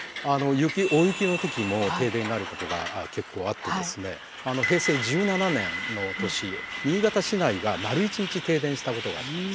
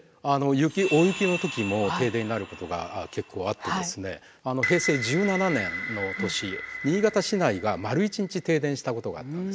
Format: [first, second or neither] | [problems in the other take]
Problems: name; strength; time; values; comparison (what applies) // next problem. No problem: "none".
second | background sound (Truck); 11 dB below the speech